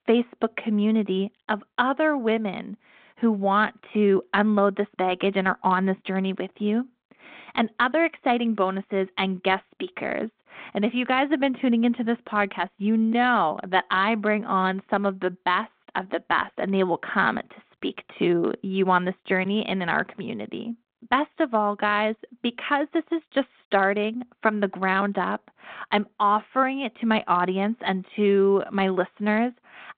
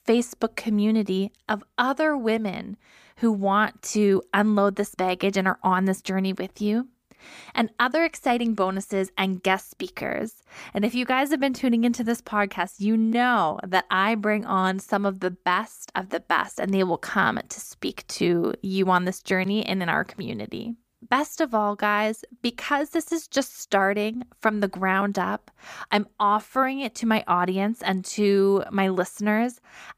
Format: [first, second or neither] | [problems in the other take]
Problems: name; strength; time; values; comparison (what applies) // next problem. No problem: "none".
second | phone-call audio